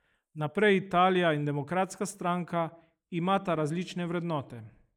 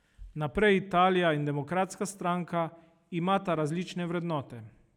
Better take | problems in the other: second | noise reduction (neural mask model Resemble Enhance denoiser)

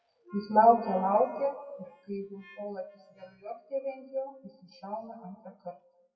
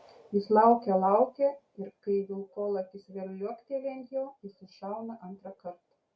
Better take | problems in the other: second | noise reduction (classical method WPE with log-MMSE)

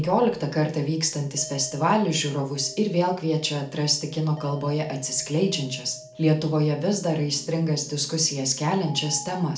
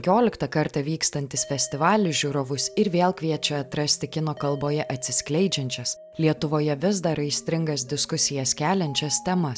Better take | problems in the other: second | room echo; dies away in 0.4 s

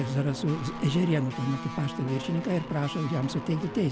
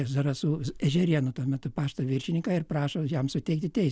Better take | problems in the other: second | background sound (Guitar + Brass instrument); 9 dB below the speech

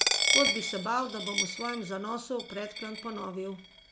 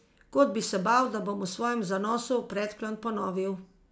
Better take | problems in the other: second | background sound (Coin (dropping)); 3 dB above the speech

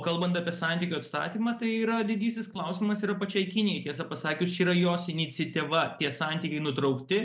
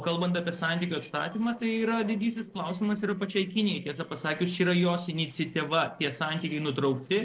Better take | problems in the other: first | noise reduction (neural separator model SepFormer DNS4)

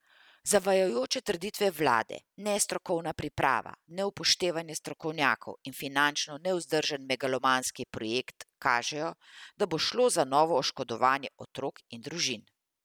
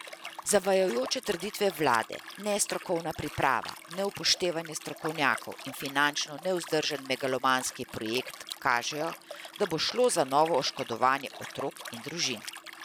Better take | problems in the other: first | background sound (Liquid); 14 dB below the speech

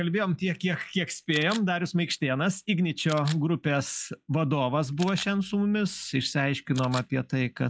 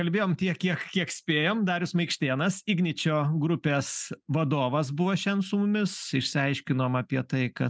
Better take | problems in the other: second | noise reduction (classical method log-MMSE)

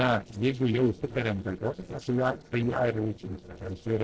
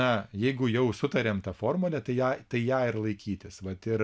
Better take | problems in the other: second | noise reduction (neural separator model SepFormer DNS4)

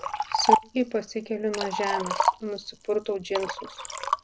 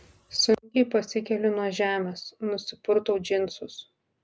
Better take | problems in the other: second | background sound (Liquid); 1 dB above the speech

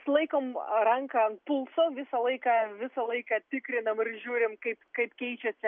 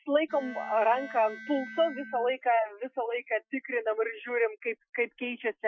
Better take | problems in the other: first | noise reduction (classical method Wiener filter)

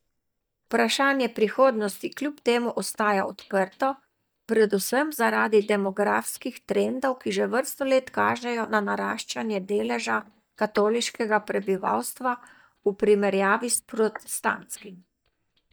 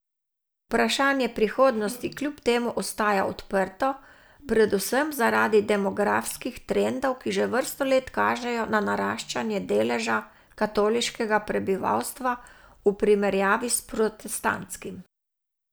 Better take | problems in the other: second | noise reduction (neural mask model DeepFilterNet 3)

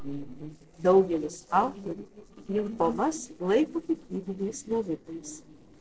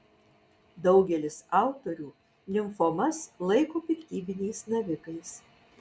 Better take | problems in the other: second | noise reduction (neural separator model SepFormer DNS4)

